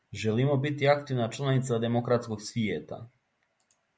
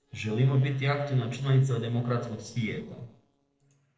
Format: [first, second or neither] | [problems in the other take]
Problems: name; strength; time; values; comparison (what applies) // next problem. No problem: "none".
first | noise reduction (neural separator model SepFormer DNS4)